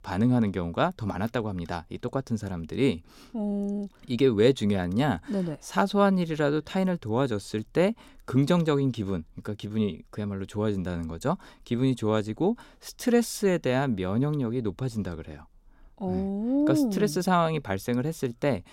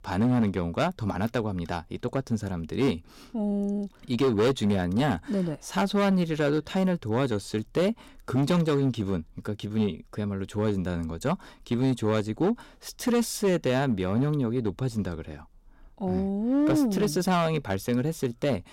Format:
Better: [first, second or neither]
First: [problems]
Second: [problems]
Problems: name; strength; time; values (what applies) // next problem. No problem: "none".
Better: first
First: none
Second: distortion; slight; 6% of the sound clipped